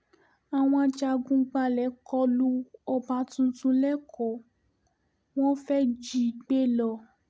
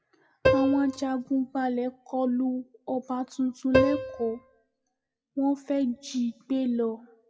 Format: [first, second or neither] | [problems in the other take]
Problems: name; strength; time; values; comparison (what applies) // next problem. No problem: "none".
first | noise reduction (classical method WPE with log-MMSE)